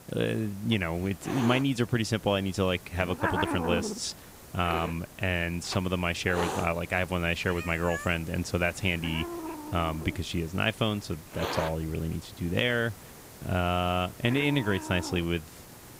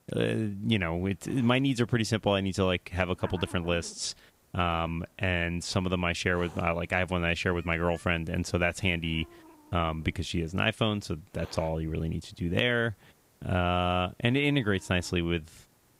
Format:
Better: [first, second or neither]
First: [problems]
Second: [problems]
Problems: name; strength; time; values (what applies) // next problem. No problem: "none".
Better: second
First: hiss; loud; throughout; 10 dB below the speech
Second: hiss; faint; throughout; 25 dB below the speech